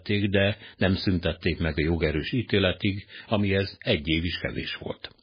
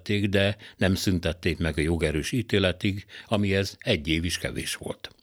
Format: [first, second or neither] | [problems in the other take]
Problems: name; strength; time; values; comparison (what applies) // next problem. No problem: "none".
second | garbled, watery; badly